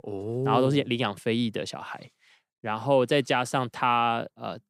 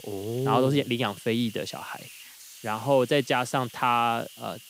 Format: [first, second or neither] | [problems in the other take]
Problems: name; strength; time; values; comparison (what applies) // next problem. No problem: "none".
first | hiss; noticeable; throughout; 20 dB below the speech